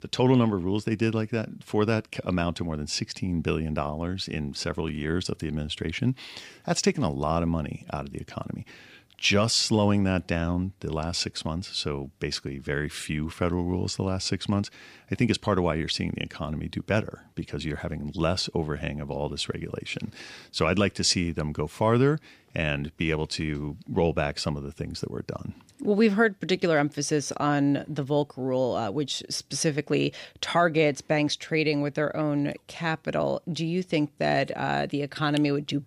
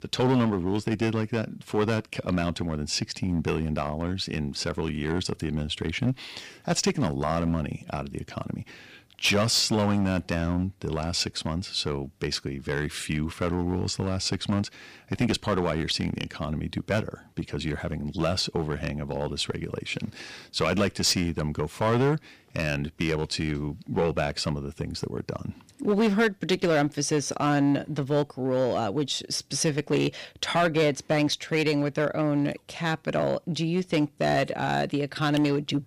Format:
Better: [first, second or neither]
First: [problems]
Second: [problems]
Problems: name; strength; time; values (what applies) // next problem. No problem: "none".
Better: first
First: none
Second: distortion; slight; 4% of the sound clipped